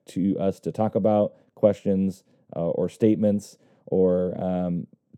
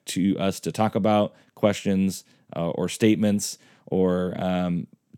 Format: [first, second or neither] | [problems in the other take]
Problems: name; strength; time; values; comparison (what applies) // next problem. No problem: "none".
second | muffled; very; fading above 1 kHz